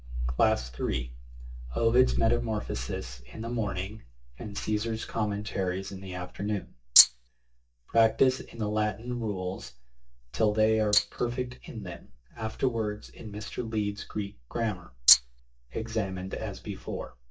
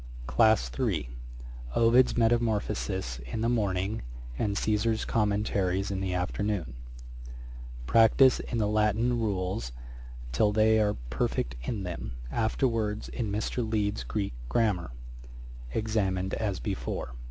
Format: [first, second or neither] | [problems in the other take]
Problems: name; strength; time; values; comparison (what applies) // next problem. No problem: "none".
second | noise reduction (neural mask model DeepFilterNet 3)